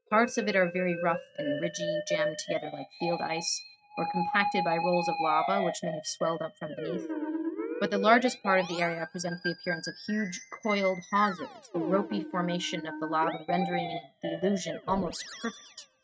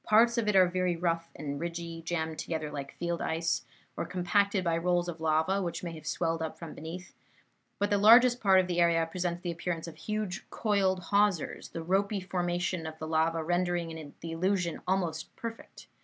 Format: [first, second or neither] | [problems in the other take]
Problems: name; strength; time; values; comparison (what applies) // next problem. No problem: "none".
second | noise reduction (neural mask model RNNoise)